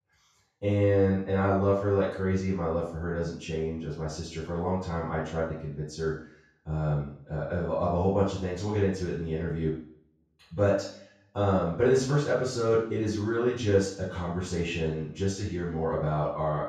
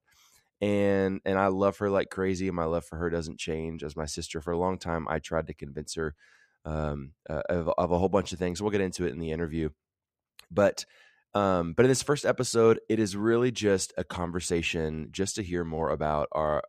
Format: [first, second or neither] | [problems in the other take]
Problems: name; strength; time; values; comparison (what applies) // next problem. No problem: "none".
second | room echo; noticeable; dies away in 0.6 s // off-mic speech; far